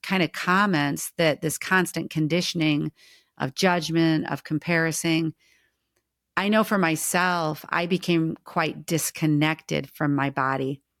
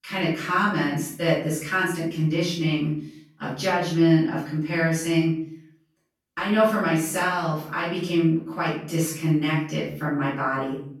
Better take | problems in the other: first | off-mic speech; far // room echo; noticeable; dies away in 0.5 s

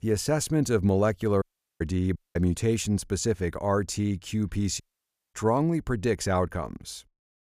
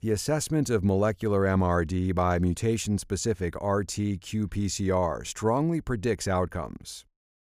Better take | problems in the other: second | audio cutting out; at 1.5 s, at 2 s and at 5 s for 0.5 s

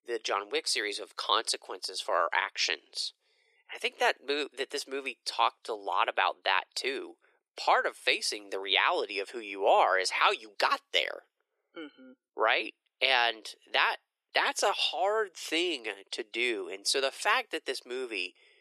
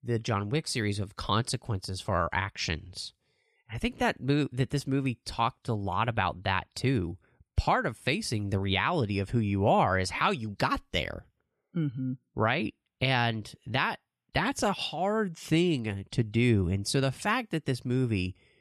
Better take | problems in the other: second | thin; very; fading below 400 Hz

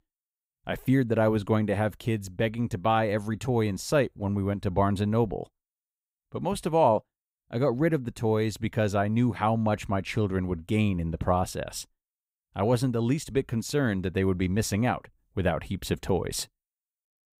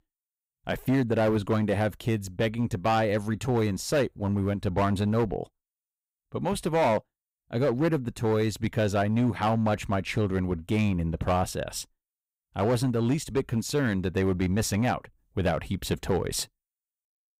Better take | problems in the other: first | distortion; slight; 6% of the sound clipped

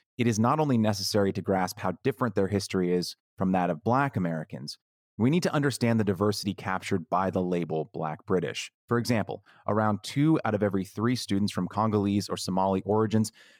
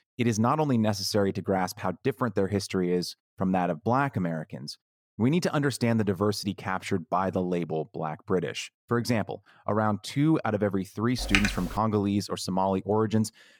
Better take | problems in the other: first | keyboard typing; loud; at 11 s; peak 2 dB above the speech

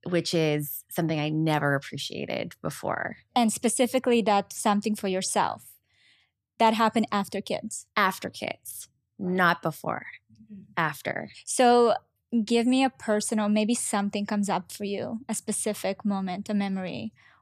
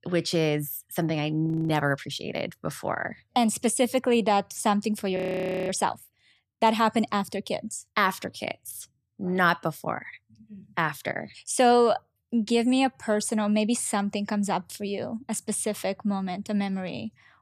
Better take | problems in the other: first | audio freezing; at 1.5 s and at 5 s for 0.5 s

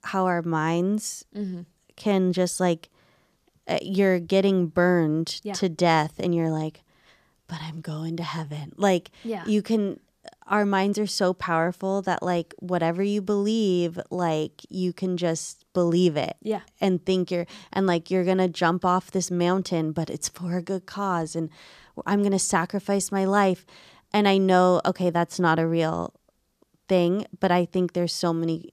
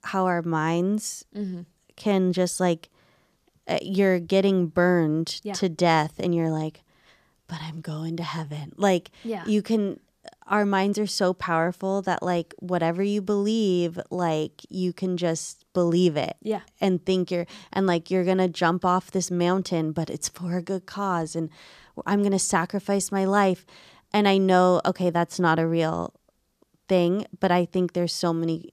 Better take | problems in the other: neither | none

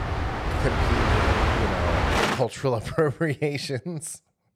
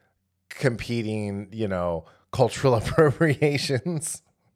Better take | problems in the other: second | train or aircraft noise; very loud; until 2.5 s; 5 dB above the speech

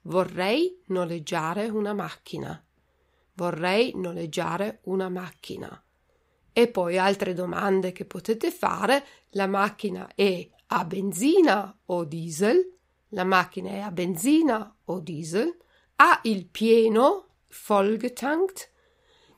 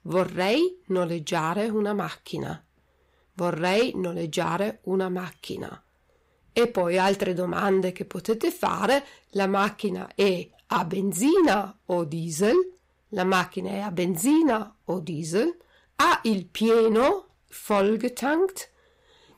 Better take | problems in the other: first | distortion; slight; 10 dB below the speech

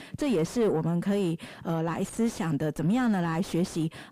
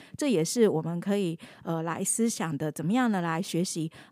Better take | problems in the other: second | distortion; heavy; 7 dB below the speech

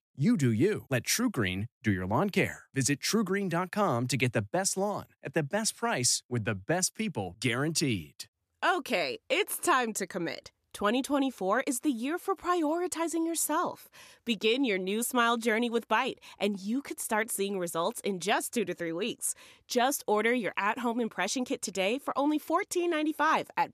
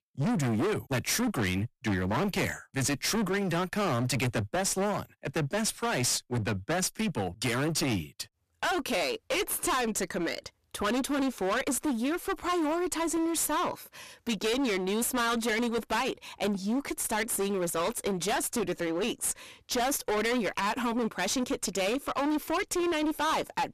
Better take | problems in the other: first | distortion; heavy; 28% of the sound clipped

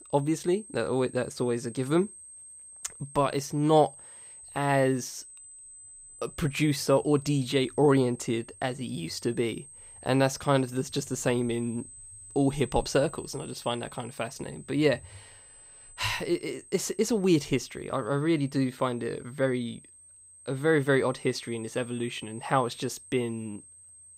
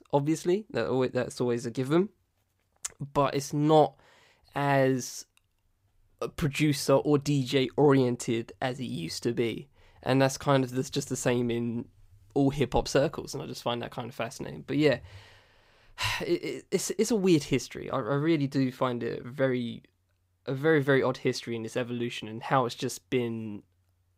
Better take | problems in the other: second | high-pitched whine; noticeable; throughout; 8.5 kHz, 20 dB below the speech

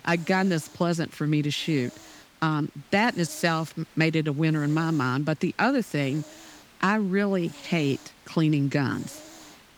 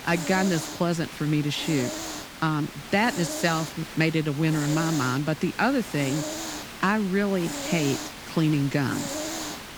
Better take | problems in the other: first | hiss; loud; throughout; 8 dB below the speech; faint in the first

